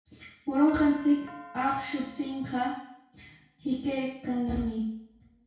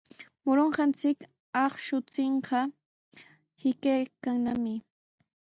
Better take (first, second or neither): second